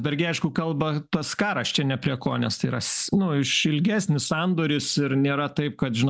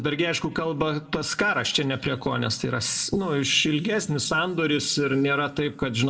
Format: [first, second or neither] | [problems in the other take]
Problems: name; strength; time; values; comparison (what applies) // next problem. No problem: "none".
first | room echo; dies away in 1.1 s